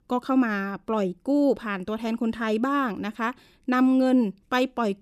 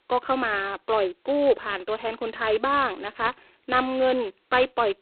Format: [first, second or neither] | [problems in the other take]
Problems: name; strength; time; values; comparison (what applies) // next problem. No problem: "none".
first | phone-call audio; poor line; nothing above 4 kHz